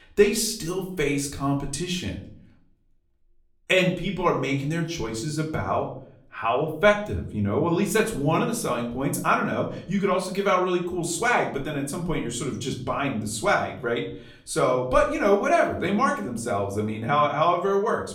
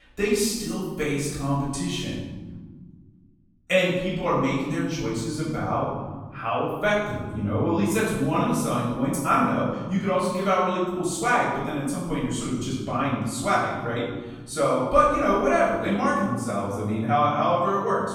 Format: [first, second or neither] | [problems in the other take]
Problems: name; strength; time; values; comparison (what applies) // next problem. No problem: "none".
first | room echo; strong; dies away in 1.5 s; slight in the first // off-mic speech; far; far in the first